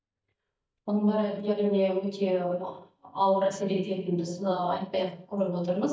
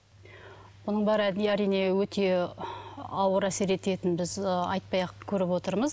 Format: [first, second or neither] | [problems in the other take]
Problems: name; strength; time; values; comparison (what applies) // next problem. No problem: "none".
second | noise reduction (neural mask model DeepFilterNet 3)